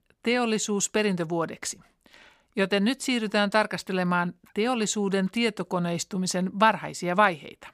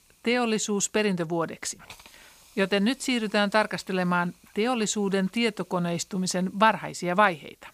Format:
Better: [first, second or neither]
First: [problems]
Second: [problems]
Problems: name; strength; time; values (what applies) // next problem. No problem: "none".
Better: first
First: none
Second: hiss; faint; throughout; 30 dB below the speech